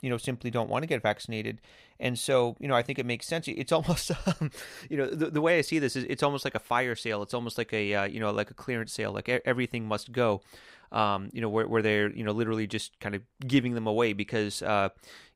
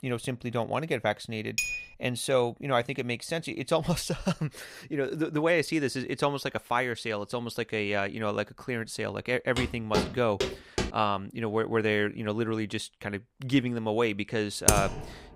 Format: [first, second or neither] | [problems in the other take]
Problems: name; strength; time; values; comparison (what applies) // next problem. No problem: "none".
first | clattering dishes; noticeable; at 1.5 s; peak level with the speech // footsteps; noticeable; from 9.5 to 11 s; peak 1 dB below the speech // keyboard typing; loud; at 15 s; peak 5 dB above the speech